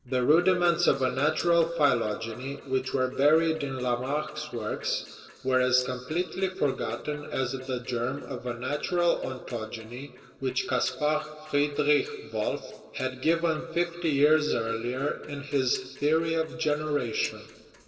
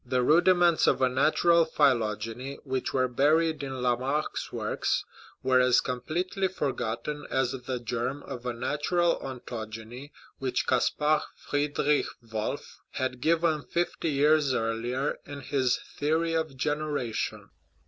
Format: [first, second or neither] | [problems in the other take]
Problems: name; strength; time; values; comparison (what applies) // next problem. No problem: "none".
second | noise reduction (neural separator model SepFormer DNS4)